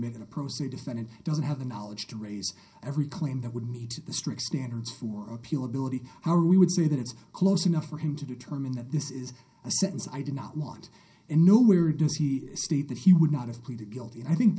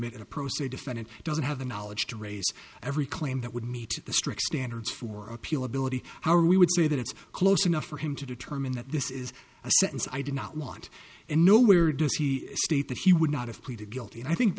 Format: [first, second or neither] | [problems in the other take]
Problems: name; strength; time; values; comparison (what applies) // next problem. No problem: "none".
second | room echo; dies away in 0.3 s